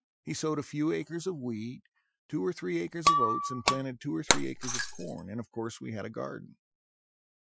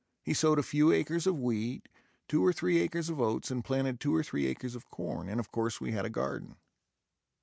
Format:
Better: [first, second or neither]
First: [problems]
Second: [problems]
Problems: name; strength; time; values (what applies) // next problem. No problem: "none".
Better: second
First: noise reduction (classical method Wiener filter)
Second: none